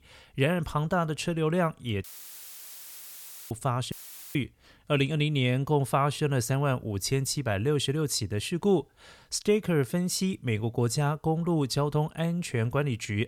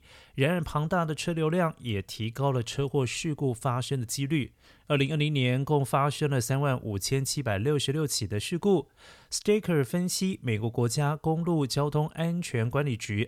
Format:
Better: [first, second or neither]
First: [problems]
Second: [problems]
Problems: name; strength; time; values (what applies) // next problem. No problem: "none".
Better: second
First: audio cutting out; filled with static; at 2 s for 1.5 s and at 4 s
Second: none